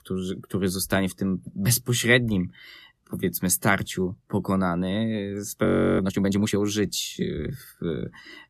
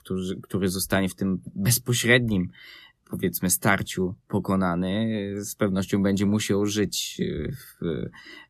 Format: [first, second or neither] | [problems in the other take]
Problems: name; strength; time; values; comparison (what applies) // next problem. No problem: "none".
second | audio freezing; at 5.5 s